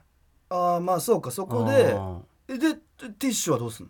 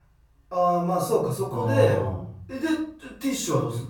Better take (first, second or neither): first